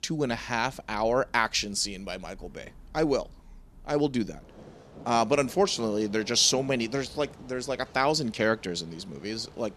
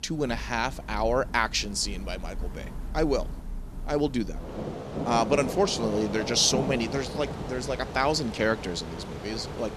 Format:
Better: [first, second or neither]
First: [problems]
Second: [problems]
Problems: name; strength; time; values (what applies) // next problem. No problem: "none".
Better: first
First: rain or running water; faint; throughout; 25 dB below the speech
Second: rain or running water; loud; throughout; 9 dB below the speech